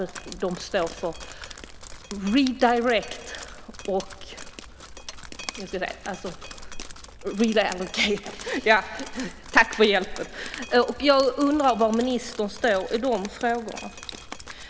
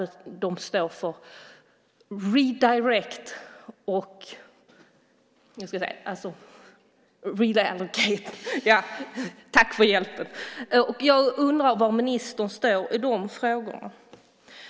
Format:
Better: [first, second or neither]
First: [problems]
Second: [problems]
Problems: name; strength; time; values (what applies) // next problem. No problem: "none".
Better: second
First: background sound (Drip); 14 dB below the speech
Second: none